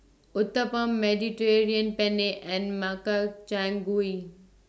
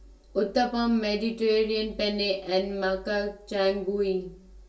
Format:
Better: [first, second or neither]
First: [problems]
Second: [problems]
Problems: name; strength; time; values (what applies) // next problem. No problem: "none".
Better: first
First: none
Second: room echo; dies away in 0.1 s